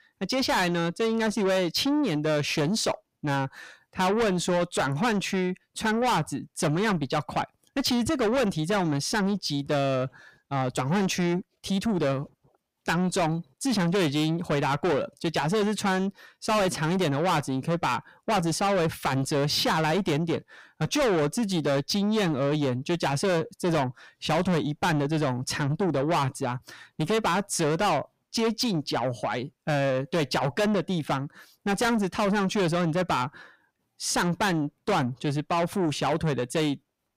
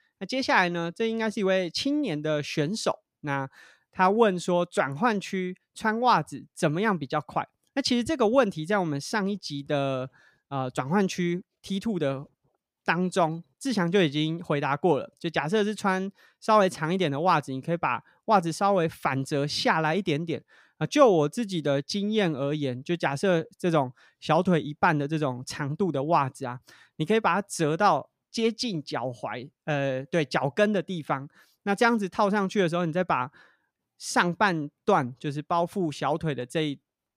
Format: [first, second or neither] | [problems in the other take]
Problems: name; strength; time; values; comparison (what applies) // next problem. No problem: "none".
second | distortion; heavy; 5 dB below the speech